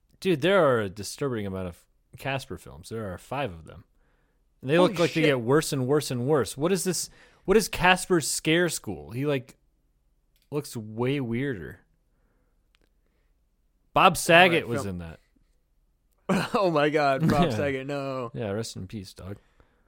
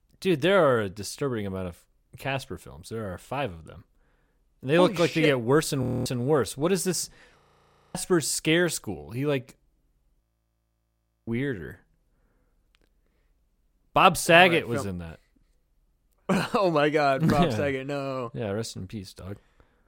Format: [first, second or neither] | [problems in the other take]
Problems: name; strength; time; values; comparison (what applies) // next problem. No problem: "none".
first | audio freezing; at 6 s, at 7.5 s for 0.5 s and at 10 s for 1 s